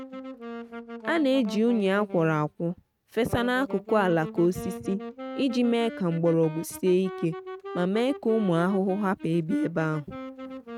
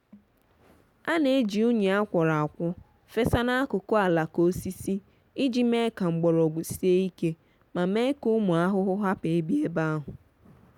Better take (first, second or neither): second